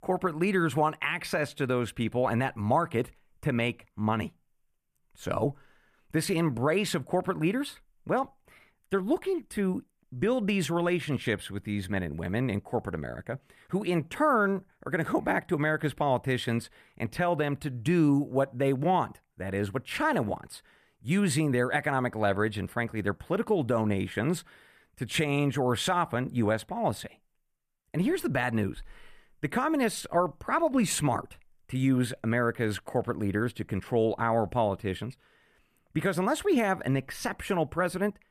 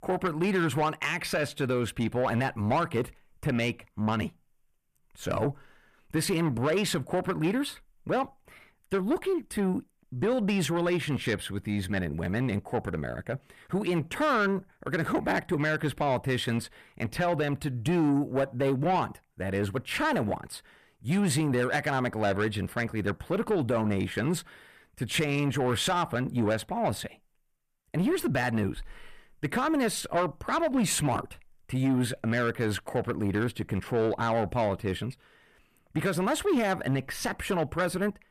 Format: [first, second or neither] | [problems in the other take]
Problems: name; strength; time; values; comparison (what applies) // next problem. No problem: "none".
first | distortion; slight; 10 dB below the speech